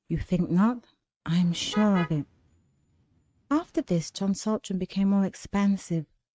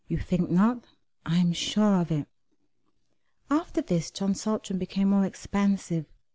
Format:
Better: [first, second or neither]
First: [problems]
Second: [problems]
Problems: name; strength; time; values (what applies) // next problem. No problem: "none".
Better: second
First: noise reduction (neural mask model RNNoise)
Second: none